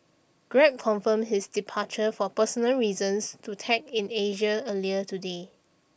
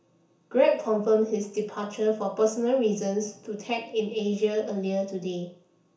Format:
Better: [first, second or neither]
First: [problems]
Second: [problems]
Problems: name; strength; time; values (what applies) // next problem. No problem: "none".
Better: first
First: none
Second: room echo; dies away in 0.7 s